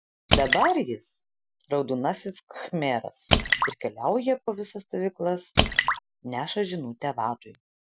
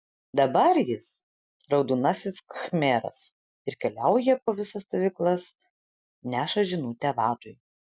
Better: second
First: background sound (Drip / Splash, splatter); as loud as the speech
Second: none

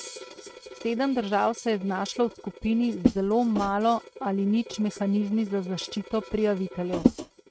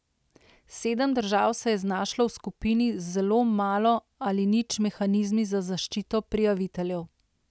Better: second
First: noise reduction (neural mask model RNNoise)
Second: none

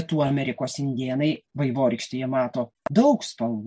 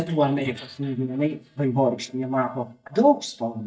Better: first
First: none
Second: noise reduction (neural mask model DeepFilterNet 3)

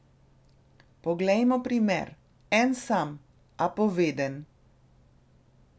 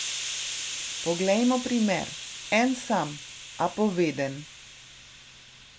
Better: first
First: none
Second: background sound (Hiss); 9 dB below the speech

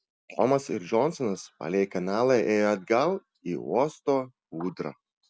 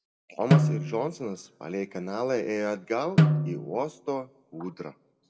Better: first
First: none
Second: background sound (Snare drum); 4 dB above the speech // room echo; dies away in 0.5 s

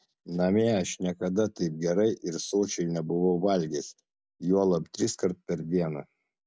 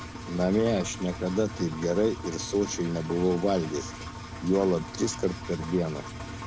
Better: first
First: none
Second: background sound (Engine); 10 dB below the speech

